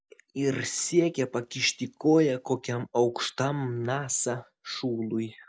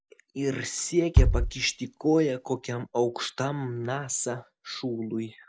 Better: first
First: none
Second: background sound (Bass drum); 3 dB above the speech

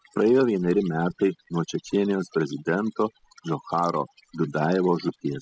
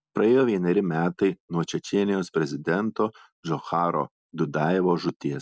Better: second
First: noise reduction (classical method spectral subtraction)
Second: none

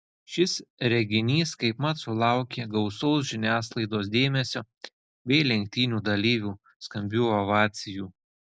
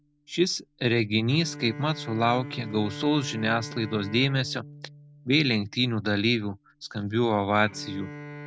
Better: first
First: none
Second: background sound (Bowed string instrument); 16 dB below the speech

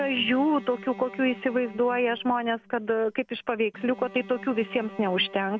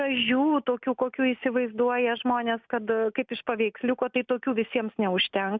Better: second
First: background sound (Bowed string instrument); 18 dB below the speech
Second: none

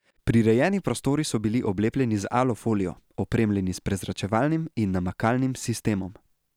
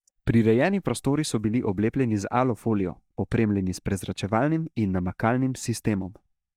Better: first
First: none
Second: noise reduction (neural mask model DeepFilterNet 3)

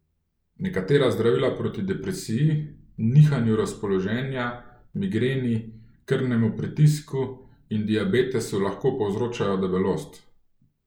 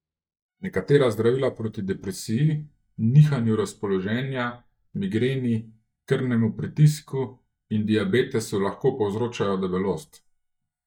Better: first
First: none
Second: noise reduction (neural mask model DeepFilterNet 3)

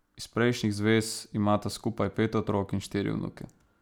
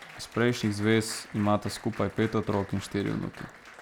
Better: first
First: none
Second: background sound (Applause); 17 dB below the speech

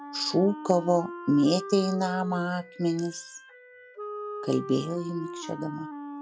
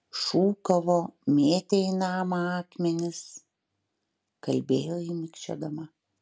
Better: second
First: noise reduction (classical method log-MMSE)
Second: none

